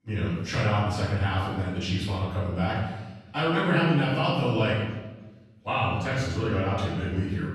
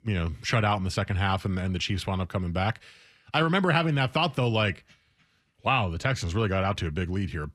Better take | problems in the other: second | off-mic speech; far // room echo; strong; dies away in 1 s

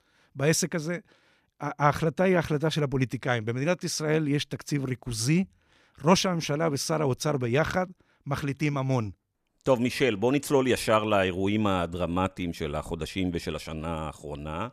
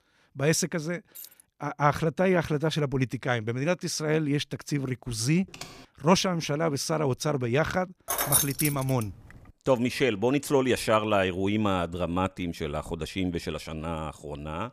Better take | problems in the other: first | jangling keys; faint; at 1 s; peak 15 dB below the speech // keyboard typing; faint; at 5.5 s; peak 15 dB below the speech // jangling keys; loud; at 8 s; peak 5 dB above the speech

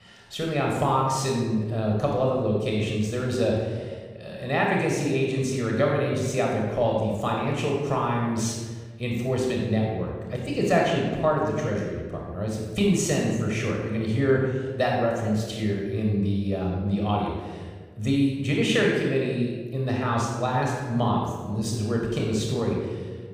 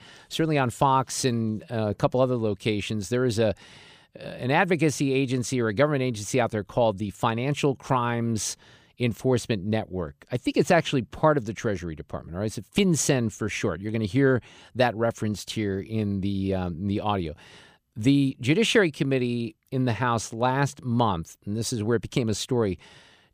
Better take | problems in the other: second | off-mic speech; somewhat distant // room echo; noticeable; dies away in 1.3 s

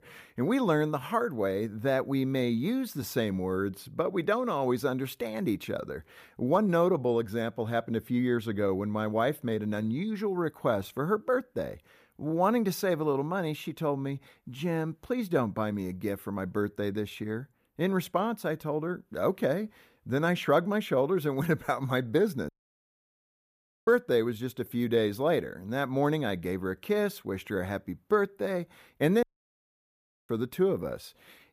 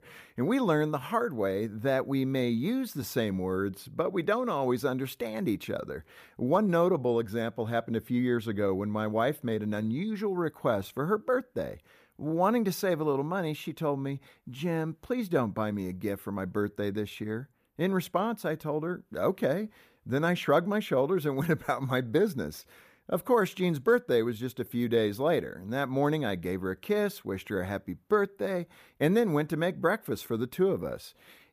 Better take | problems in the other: second | audio cutting out; at 22 s for 1.5 s and at 29 s for 1 s

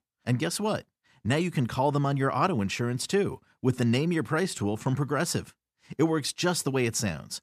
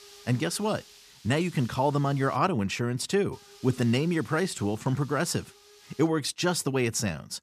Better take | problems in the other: first | hiss; faint; until 2.5 s and from 3.5 to 6 s; 25 dB below the speech

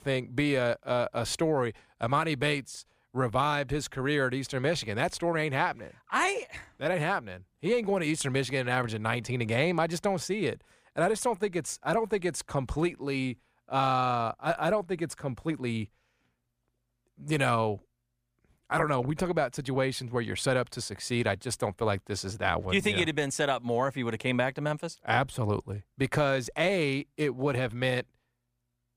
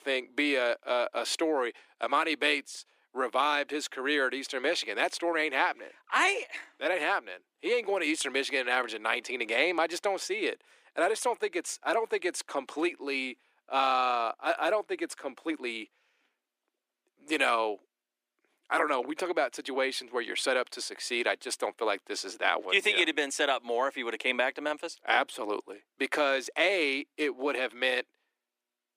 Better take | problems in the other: first | thin; somewhat; fading below 300 Hz

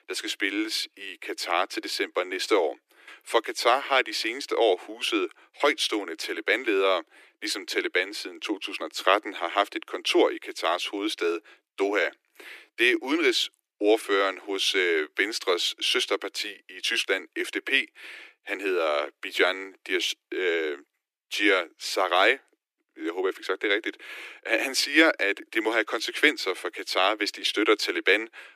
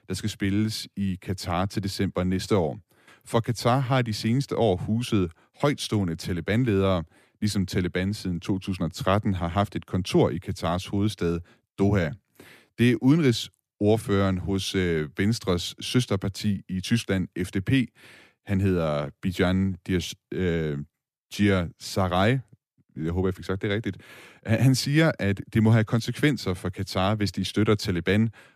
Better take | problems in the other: second | thin; very; fading below 300 Hz

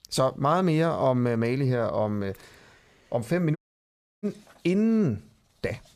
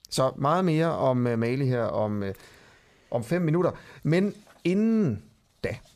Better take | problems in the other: second | audio cutting out; at 3.5 s for 0.5 s

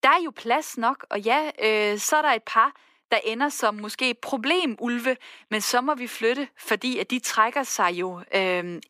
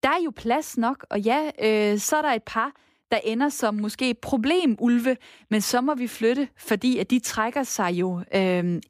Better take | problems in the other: second | thin; somewhat; fading below 350 Hz

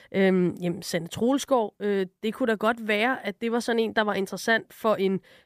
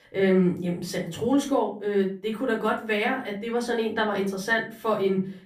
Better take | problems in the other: first | off-mic speech; far // room echo; slight; dies away in 0.3 s

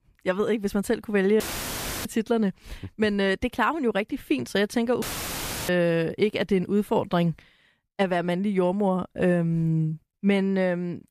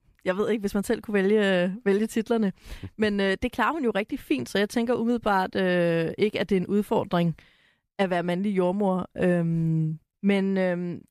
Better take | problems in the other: second | audio cutting out; filled with static; at 1.5 s for 0.5 s and at 5 s for 0.5 s

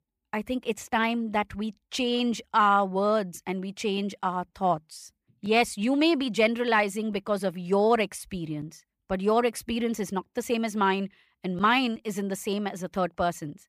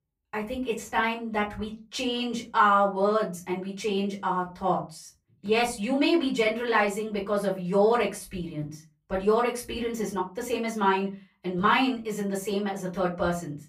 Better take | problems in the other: first | off-mic speech; far // room echo; very slight; dies away in 0.2 s

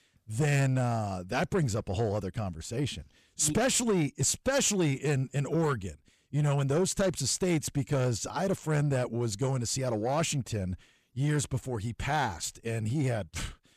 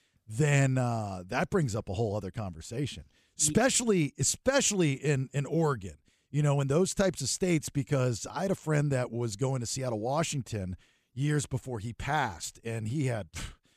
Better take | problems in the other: second | distortion; slight; 10 dB below the speech

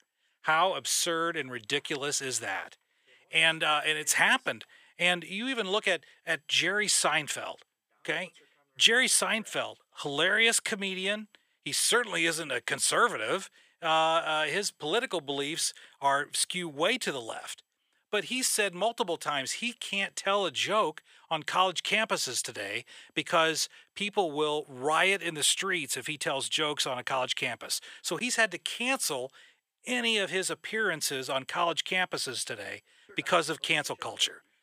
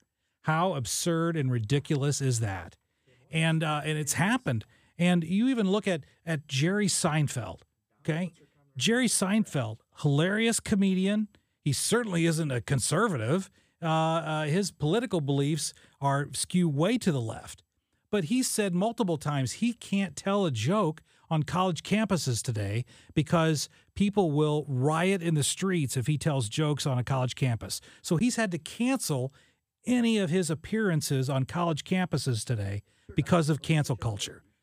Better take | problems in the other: second | thin; very; fading below 500 Hz

